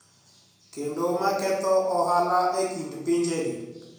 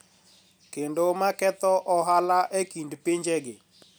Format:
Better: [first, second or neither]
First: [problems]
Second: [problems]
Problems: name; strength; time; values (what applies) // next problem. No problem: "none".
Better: second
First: room echo; dies away in 0.9 s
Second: none